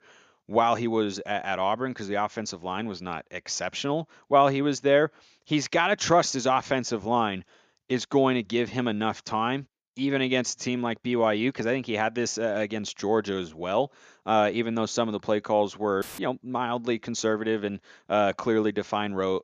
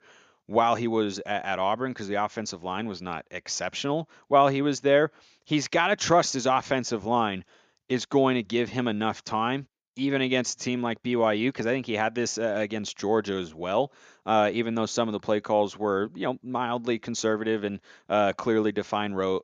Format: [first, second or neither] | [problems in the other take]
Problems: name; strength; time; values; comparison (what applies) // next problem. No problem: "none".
second | audio cutting out; filled with static; at 16 s